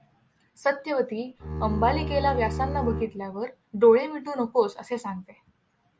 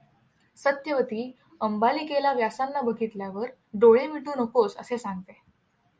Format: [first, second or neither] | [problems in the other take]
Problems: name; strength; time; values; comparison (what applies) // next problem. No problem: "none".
second | background sound (Bowed string instrument); 4 dB below the speech